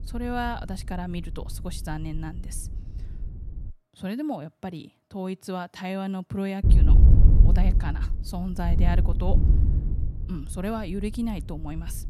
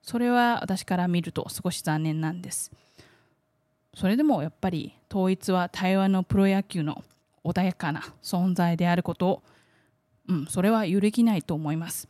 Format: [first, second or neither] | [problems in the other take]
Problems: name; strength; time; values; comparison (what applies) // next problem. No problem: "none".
second | wind noise on the microphone; heavy; until 3.5 s and from 6.5 s on; 4 dB below the speech